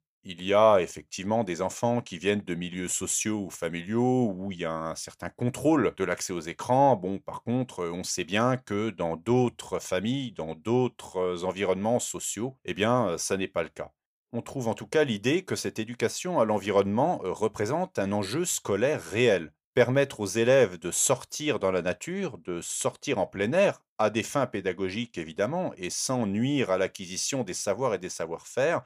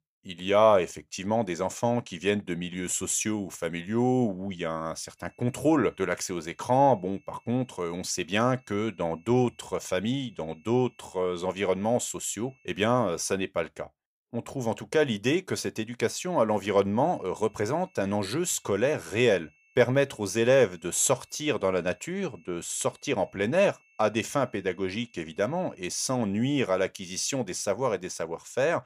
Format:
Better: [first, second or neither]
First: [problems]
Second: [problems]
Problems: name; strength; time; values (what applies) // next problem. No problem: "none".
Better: first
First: none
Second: high-pitched whine; faint; from 5 to 13 s and from 17 to 26 s; 2.5 kHz, 35 dB below the speech